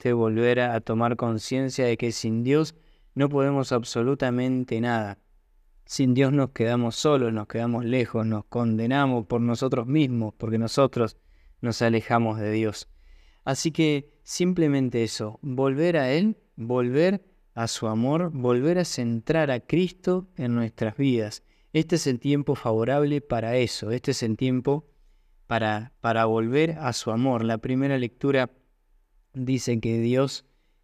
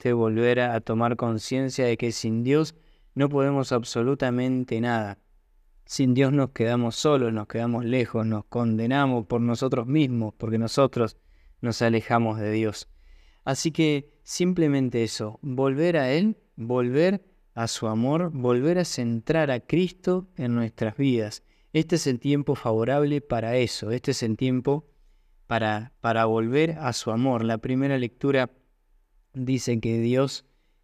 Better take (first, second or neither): neither